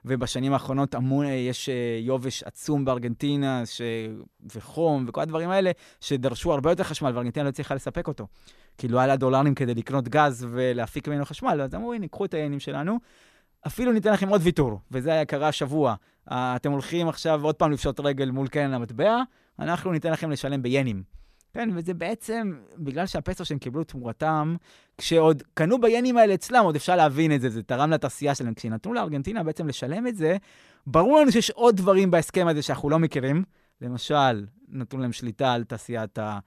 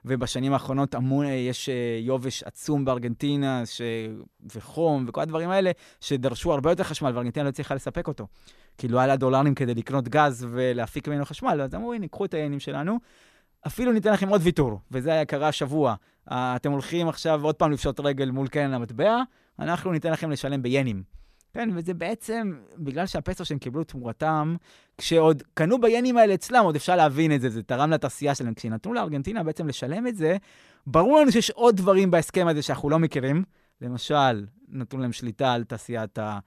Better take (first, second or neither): neither